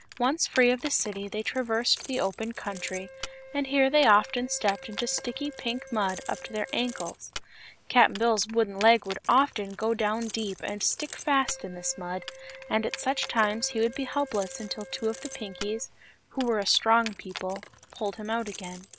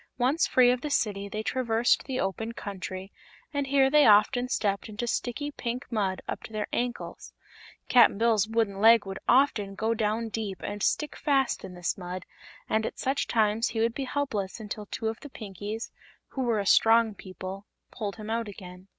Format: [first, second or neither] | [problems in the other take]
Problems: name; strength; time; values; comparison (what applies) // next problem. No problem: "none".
second | background sound (Wind instrument, woodwind instrument + Keys jangling); 15 dB below the speech